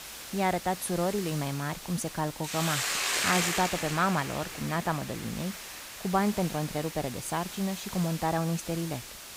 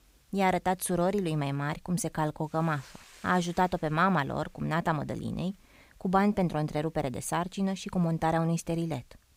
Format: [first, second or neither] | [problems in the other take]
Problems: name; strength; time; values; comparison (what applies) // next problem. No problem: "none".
second | hiss; loud; throughout; 3 dB below the speech; faint in the second